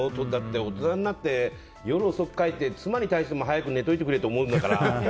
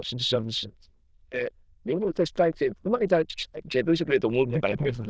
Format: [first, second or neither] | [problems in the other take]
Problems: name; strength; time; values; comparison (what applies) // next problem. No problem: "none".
first | noise reduction (neural diffusion model UNIVERSE++)